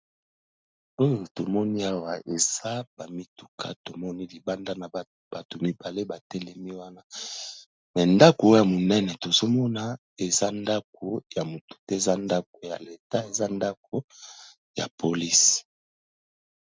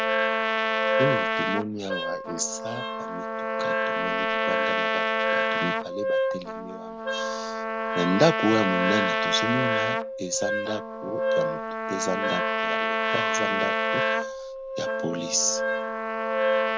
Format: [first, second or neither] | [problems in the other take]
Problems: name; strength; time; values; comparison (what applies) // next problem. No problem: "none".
first | background sound (Wind instrument, woodwind instrument + Trumpet); 5 dB above the speech